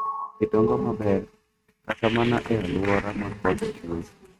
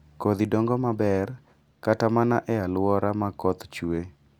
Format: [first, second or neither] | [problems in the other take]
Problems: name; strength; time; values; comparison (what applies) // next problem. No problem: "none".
second | noise reduction (neural mask model RNNoise)